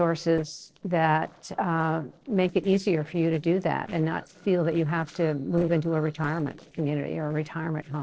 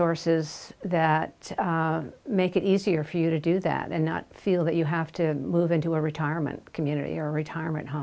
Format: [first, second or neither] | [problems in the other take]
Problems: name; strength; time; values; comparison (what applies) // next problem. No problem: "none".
second | noise reduction (neural separator model SepFormer DNS4)